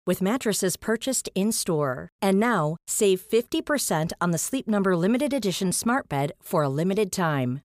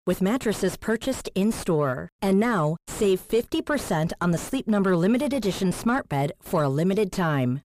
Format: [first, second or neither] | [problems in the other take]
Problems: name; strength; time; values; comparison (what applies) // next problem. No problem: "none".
first | distortion; slight; 8 dB below the speech